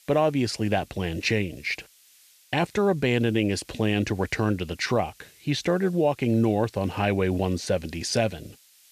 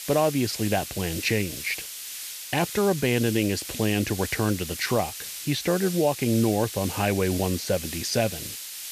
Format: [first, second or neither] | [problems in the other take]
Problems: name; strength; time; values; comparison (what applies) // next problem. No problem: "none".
first | hiss; loud; throughout; 8 dB below the speech; faint in the first